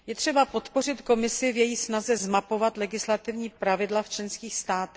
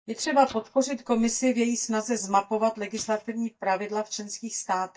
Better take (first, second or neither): first